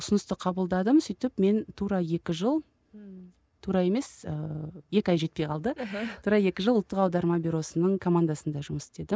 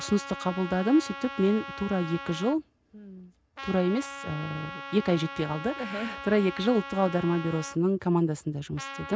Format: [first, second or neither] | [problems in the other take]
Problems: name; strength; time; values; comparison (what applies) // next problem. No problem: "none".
first | background sound (Trumpet); 12 dB below the speech